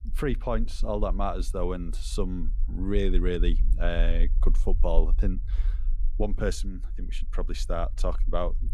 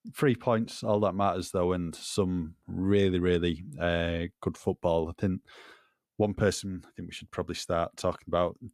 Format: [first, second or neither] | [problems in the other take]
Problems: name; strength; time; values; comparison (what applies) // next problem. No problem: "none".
second | low rumble; faint; throughout; 20 dB below the speech